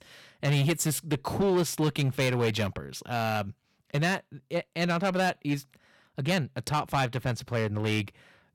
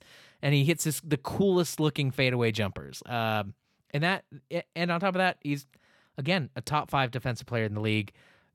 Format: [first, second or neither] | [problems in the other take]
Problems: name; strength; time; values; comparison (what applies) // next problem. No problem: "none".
second | distortion; slight; 8% of the sound clipped